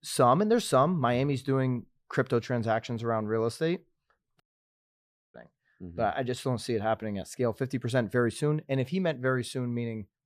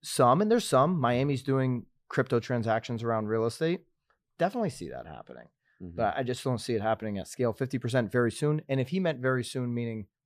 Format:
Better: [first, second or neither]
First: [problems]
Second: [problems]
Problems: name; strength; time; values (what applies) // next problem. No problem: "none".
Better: second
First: audio cutting out; at 4.5 s for 1 s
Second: none